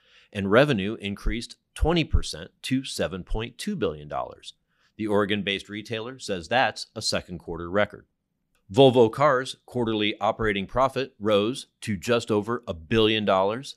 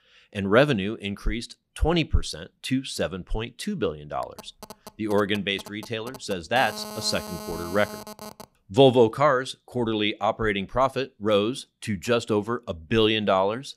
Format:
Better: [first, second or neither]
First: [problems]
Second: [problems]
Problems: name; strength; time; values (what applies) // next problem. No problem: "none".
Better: first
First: none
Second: phone ringing; faint; from 4 to 8.5 s; peak 10 dB below the speech